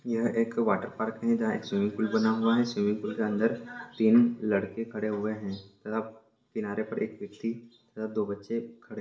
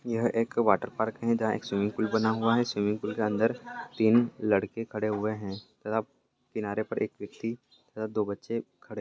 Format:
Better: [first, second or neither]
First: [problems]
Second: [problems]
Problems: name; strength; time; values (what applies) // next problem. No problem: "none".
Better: second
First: room echo; dies away in 0.5 s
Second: none